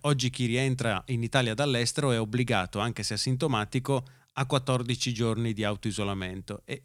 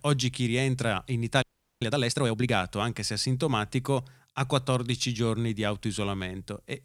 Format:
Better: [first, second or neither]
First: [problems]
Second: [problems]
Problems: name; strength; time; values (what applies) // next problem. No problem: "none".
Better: first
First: none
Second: audio freezing; at 1.5 s